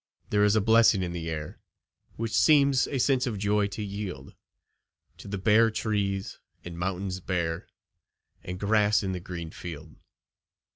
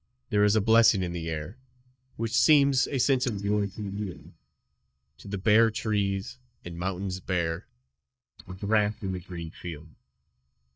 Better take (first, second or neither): first